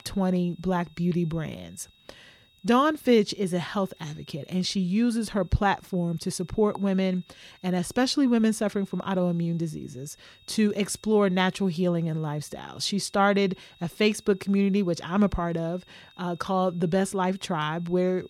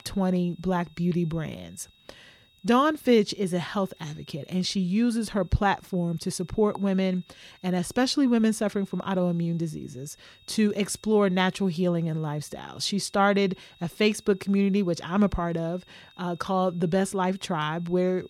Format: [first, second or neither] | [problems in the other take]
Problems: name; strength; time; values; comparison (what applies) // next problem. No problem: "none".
neither | high-pitched whine; faint; throughout; 3.5 kHz, 30 dB below the speech; the same in both